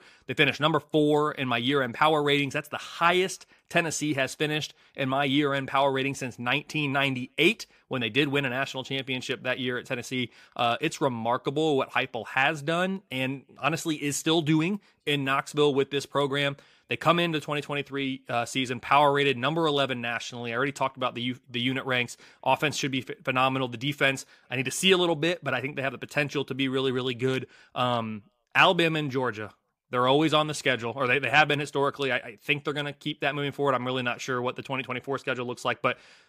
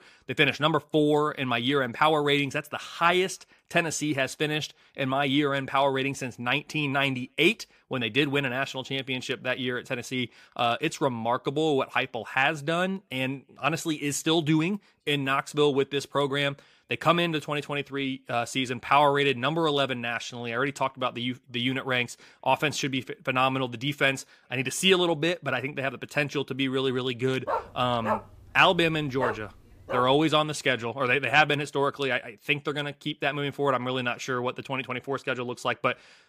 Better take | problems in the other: first | dog barking; noticeable; from 27 to 30 s; peak 5 dB below the speech

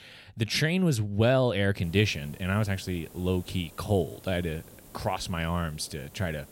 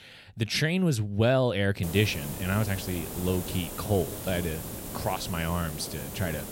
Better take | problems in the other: first | hiss; loud; from 2 s on; 8 dB below the speech; faint in the first

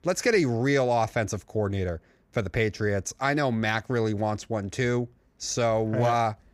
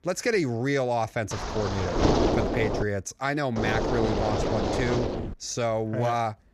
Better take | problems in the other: first | wind noise on the microphone; heavy; from 1.5 to 3 s and from 3.5 to 5.5 s; as loud as the speech

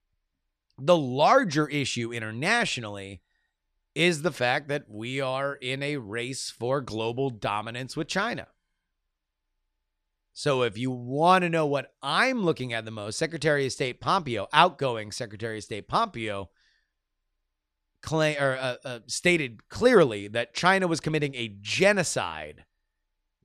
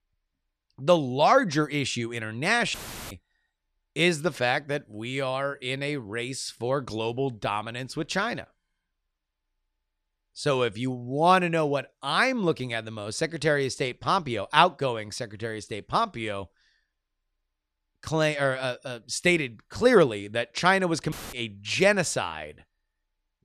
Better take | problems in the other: first | audio cutting out; filled with static; at 2.5 s and at 21 s

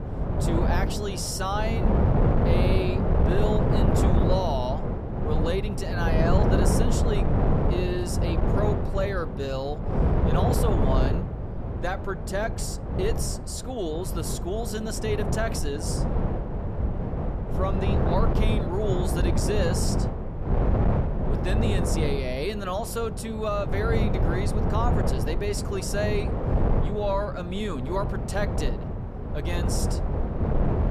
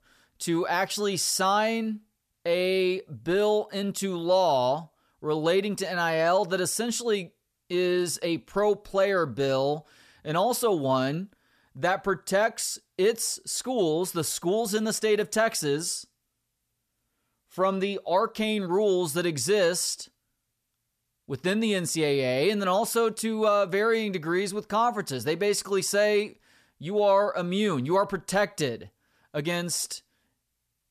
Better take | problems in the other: second | wind noise on the microphone; heavy; 1 dB below the speech

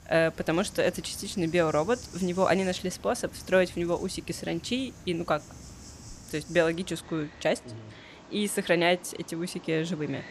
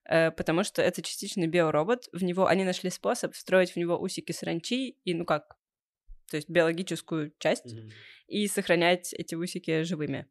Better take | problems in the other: second | animal sounds; noticeable; throughout; 20 dB below the speech

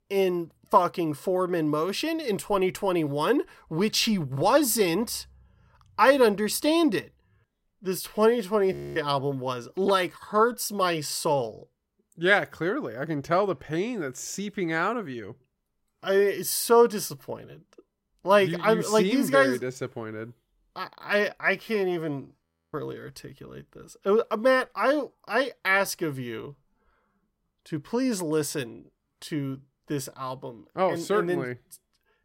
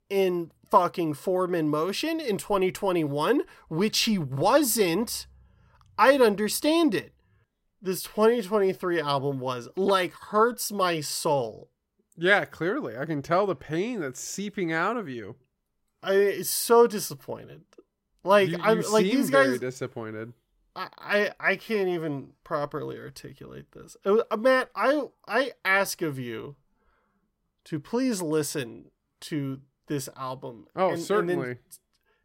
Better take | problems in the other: second | audio freezing; at 8.5 s and at 22 s

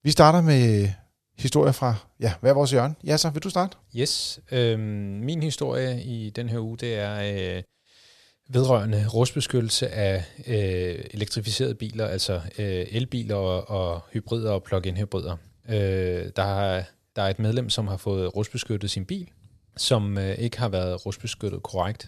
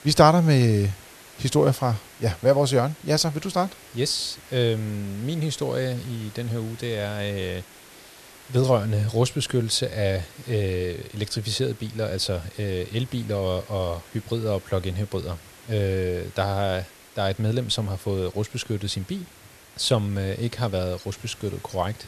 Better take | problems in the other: first | hiss; faint; throughout; 20 dB below the speech

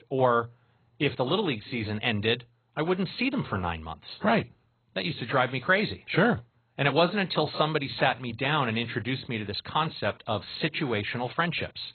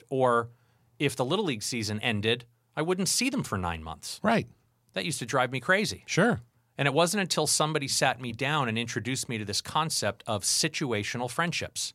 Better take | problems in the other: second | garbled, watery; badly; nothing above 4 kHz

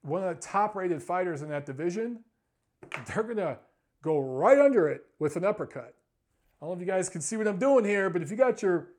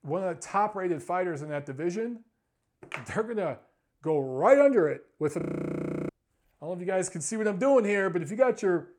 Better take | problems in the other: first | audio freezing; at 5.5 s for 0.5 s

